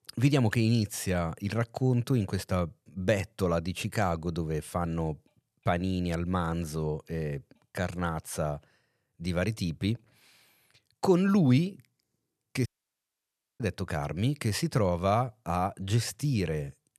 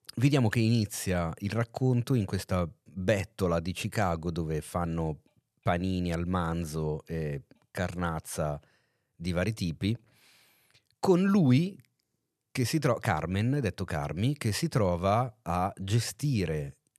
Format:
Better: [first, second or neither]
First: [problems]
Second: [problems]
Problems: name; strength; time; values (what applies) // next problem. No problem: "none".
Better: second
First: audio cutting out; at 13 s for 1 s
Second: none